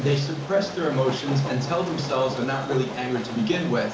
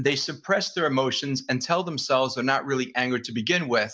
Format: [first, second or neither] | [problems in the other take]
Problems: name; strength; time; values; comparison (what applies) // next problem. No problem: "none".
second | background sound (Train); 10 dB below the speech // room echo; dies away in 0.7 s